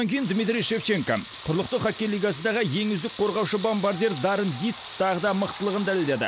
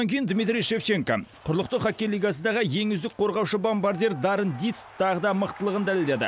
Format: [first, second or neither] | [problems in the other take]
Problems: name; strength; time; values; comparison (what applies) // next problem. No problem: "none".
second | background sound (Sink (filling or washing) / Water tap, faucet / Liquid); 16 dB below the speech